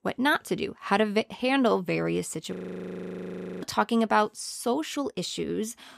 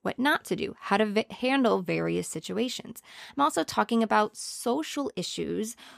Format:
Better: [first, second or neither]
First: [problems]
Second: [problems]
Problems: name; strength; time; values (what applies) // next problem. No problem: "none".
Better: second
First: audio freezing; at 2.5 s for 1 s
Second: none